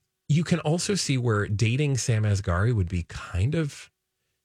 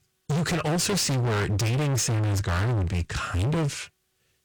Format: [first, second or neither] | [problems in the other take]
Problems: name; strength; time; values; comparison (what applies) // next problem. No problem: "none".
first | distortion; heavy; 43% of the sound clipped